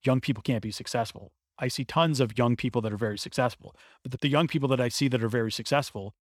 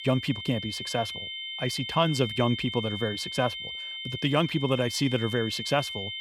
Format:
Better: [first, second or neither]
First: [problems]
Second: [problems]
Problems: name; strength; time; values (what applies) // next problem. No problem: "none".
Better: first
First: none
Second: high-pitched whine; loud; throughout; 3 kHz, 6 dB below the speech